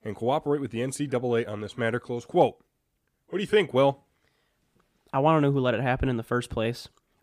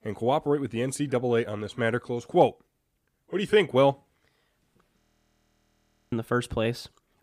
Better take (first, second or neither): first